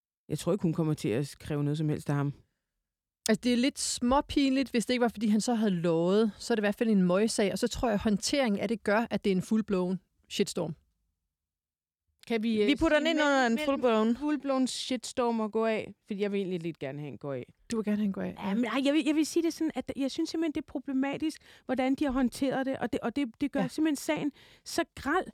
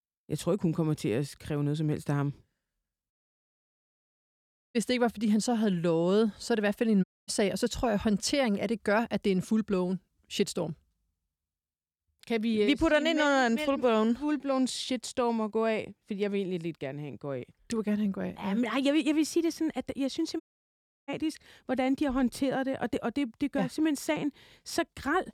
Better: first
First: none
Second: audio cutting out; at 3 s for 1.5 s, at 7 s and at 20 s for 0.5 s

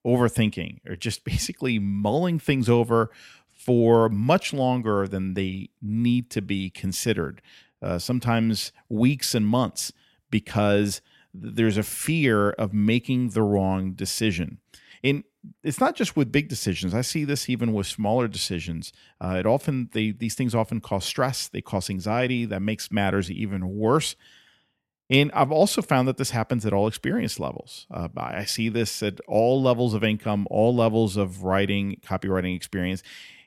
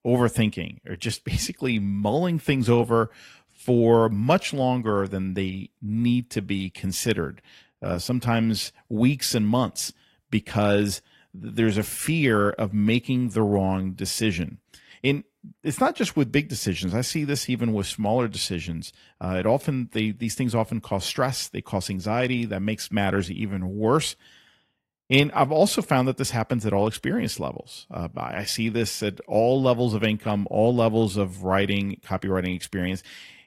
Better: first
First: none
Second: garbled, watery; slightly; nothing above 16 kHz

